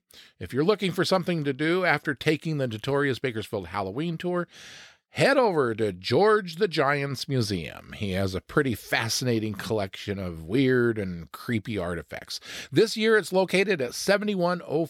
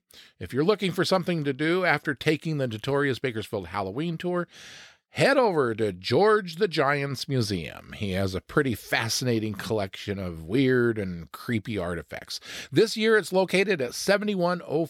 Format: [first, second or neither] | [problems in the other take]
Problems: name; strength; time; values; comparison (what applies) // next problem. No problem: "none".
neither | none